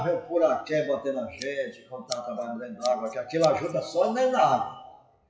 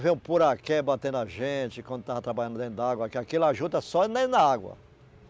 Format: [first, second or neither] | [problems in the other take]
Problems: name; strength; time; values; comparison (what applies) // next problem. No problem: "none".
second | noise reduction (classical method WPE with log-MMSE)